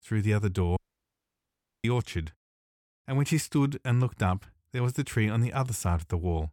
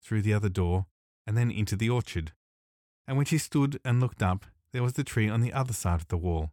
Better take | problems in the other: second | audio cutting out; at 1 s for 1 s

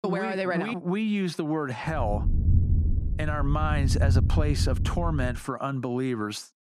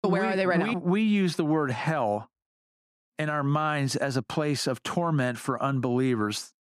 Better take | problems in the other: second | low rumble; noticeable; from 2 to 5.5 s; 10 dB below the speech

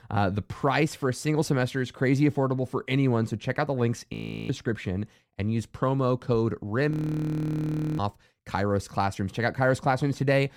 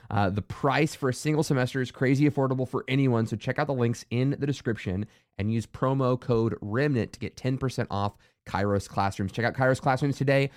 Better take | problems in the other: second | audio freezing; at 4 s and at 7 s for 1 s

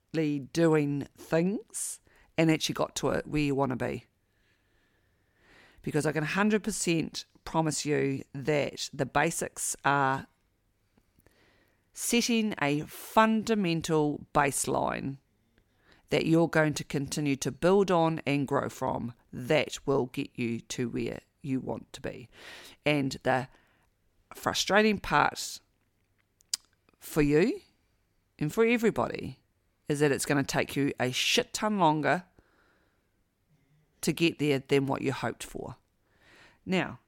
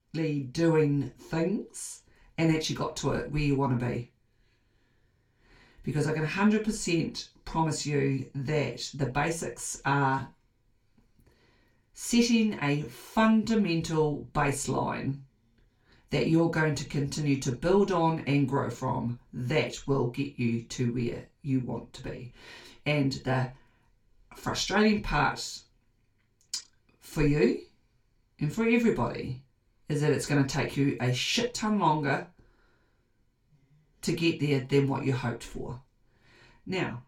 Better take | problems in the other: first | room echo; slight; dies away in 0.2 s // off-mic speech; far

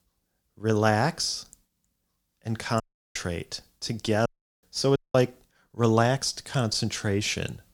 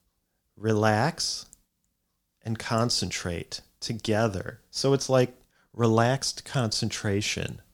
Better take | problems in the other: second | audio cutting out; at 3 s, at 4.5 s and at 5 s

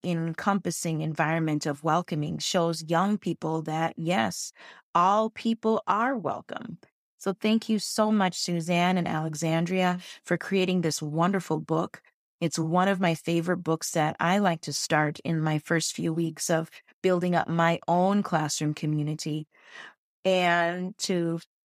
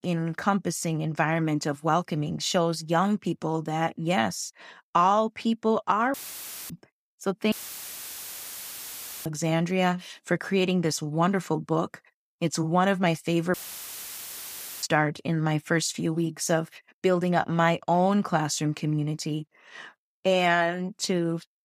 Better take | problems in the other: first | audio cutting out; filled with static; at 6 s for 0.5 s, at 7.5 s for 1.5 s and at 14 s for 1.5 s

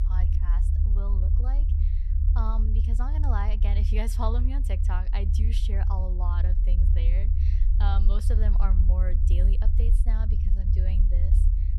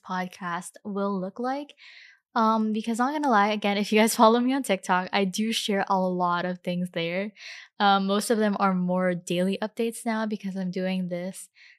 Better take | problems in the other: second | low rumble; loud; throughout; 5 dB below the speech

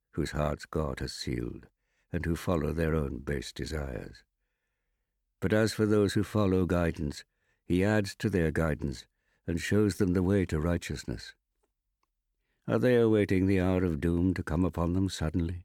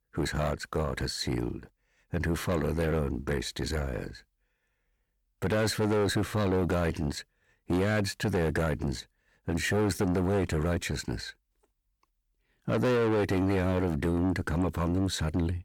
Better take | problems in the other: first | distortion; heavy; 6 dB below the speech

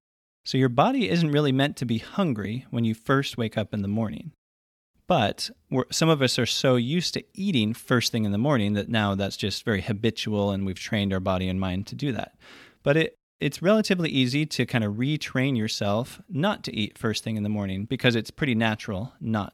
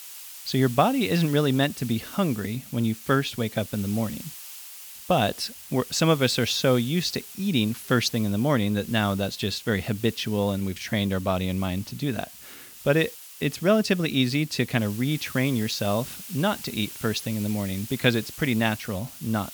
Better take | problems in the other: first | hiss; noticeable; throughout; 15 dB below the speech

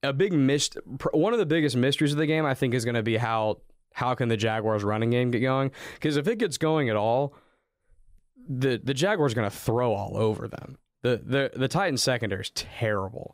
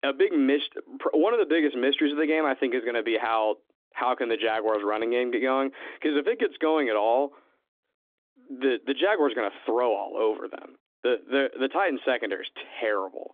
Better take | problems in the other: first | phone-call audio; nothing above 3.5 kHz

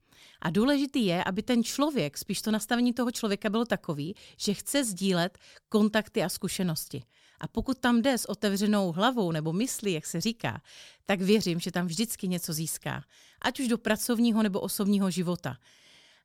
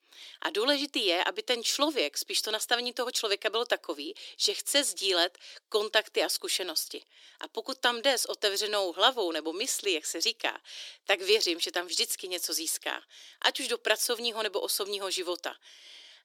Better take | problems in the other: first | thin; very; fading below 300 Hz

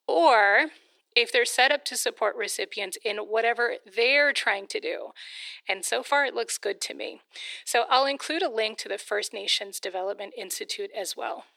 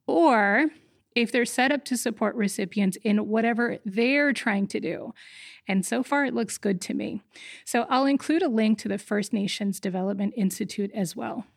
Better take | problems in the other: second | thin; very; fading below 400 Hz

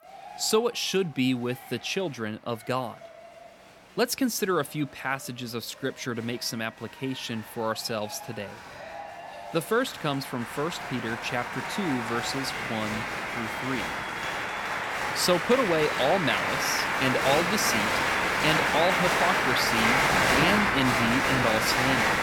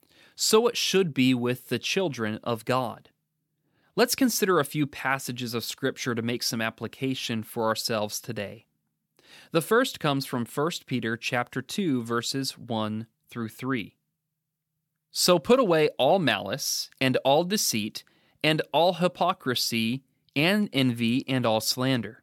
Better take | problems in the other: second | crowd noise; very loud; throughout; 3 dB above the speech

